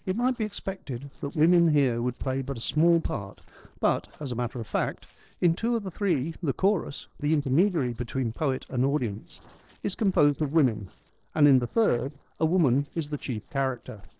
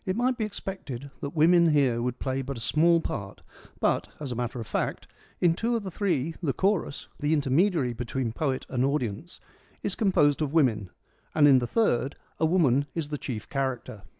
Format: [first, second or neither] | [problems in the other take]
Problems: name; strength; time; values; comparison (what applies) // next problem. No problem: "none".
second | noise reduction (neural separator model SepFormer DNS4)